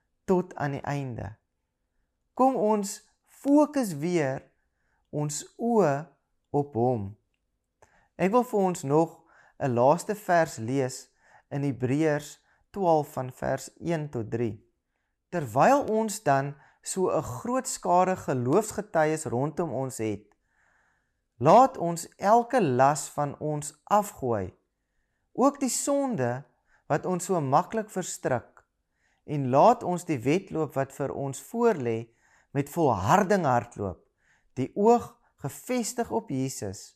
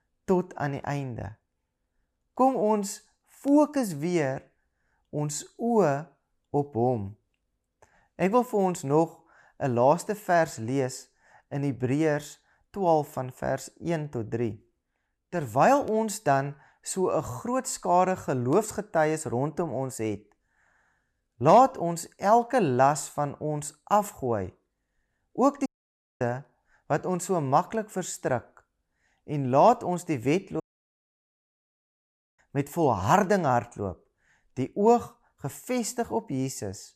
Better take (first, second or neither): first